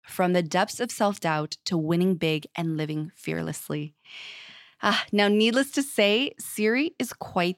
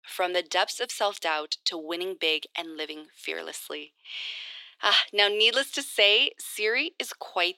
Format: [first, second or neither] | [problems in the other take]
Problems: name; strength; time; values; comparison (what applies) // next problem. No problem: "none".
first | thin; very; fading below 350 Hz